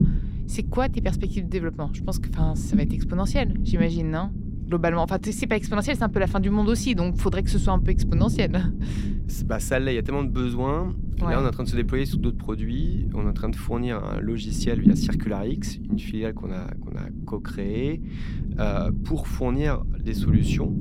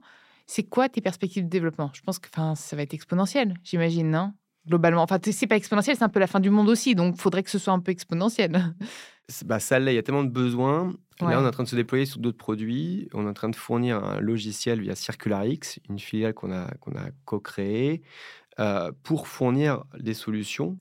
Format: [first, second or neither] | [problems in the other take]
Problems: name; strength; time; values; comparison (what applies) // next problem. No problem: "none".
second | low rumble; loud; throughout; 8 dB below the speech